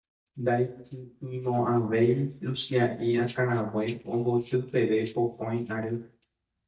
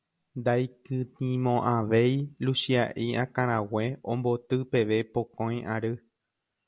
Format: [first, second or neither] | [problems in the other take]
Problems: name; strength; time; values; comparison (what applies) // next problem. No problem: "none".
second | noise reduction (neural mask model DeepFilterNet 3)